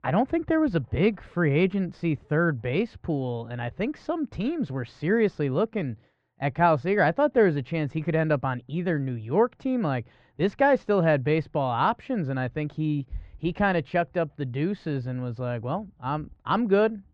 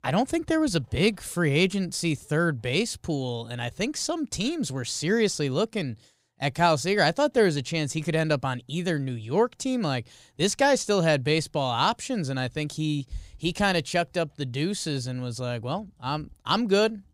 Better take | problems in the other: second | muffled; very; fading above 2 kHz

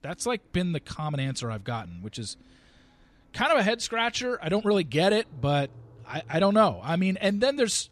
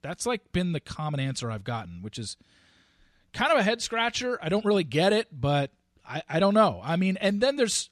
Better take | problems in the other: second | traffic noise; faint; throughout; 30 dB below the speech

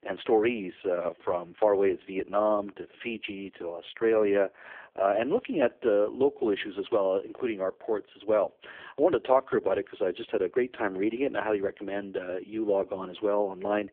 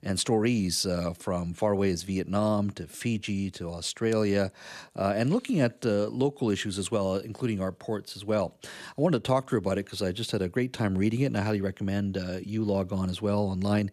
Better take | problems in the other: second | phone-call audio; poor line; nothing above 3.5 kHz

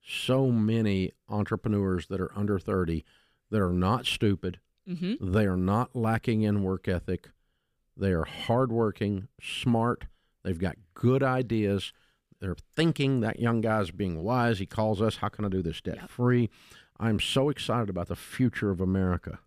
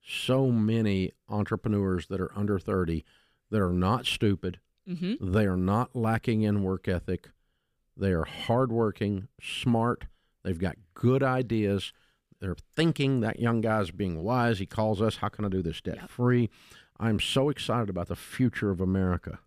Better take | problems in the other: neither | none

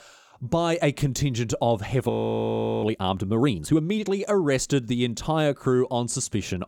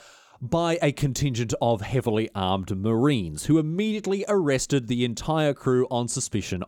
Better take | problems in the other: second | audio freezing; at 2 s for 0.5 s

